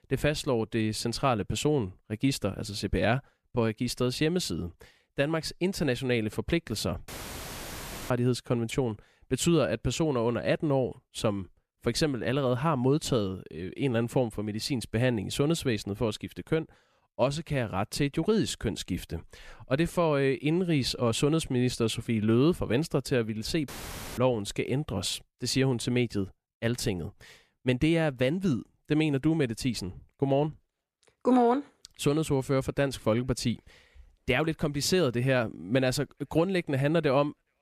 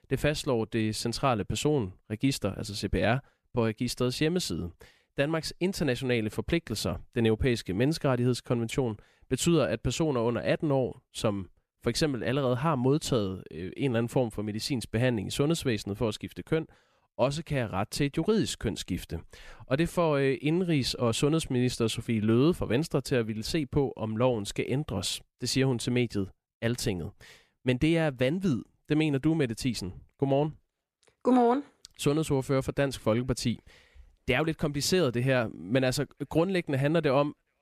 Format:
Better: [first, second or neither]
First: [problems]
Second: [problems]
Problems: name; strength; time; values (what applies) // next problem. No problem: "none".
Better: second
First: audio cutting out; filled with static; at 7 s for 1 s and at 24 s for 0.5 s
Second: none